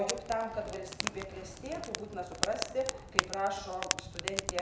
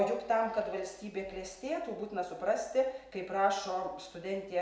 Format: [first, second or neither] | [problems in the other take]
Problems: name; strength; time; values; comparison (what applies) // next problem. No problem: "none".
second | background sound (Fire); 1 dB below the speech